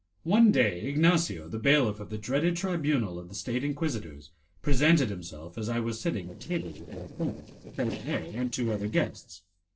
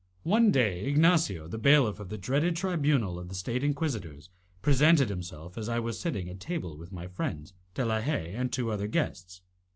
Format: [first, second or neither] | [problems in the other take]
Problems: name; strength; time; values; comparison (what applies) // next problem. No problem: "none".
second | noise reduction (neural separator model SepFormer DNS4)